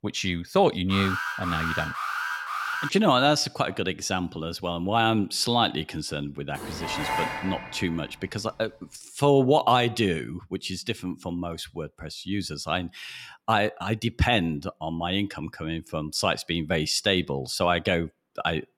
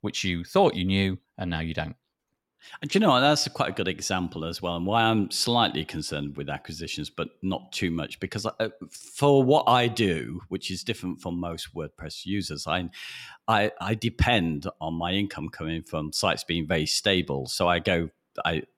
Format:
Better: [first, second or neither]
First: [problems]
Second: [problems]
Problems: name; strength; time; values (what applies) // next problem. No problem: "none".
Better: second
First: alarm; noticeable; from 1 to 3 s; peak 3 dB below the speech // clattering dishes; noticeable; from 6.5 to 8 s; peak 2 dB below the speech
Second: none